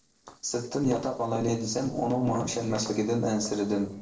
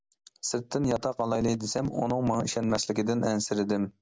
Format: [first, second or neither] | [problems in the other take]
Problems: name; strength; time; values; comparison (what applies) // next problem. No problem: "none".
second | noise reduction (neural separator model SepFormer DNS4)